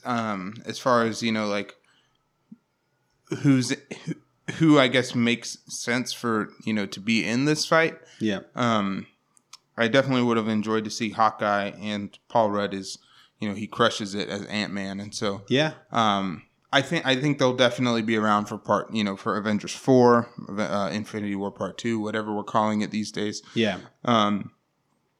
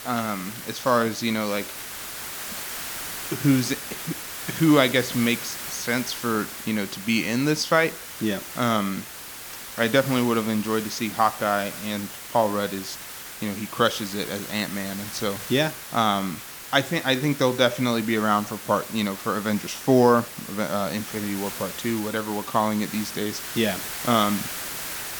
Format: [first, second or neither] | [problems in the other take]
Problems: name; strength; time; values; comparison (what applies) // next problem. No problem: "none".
first | hiss; loud; throughout; 9 dB below the speech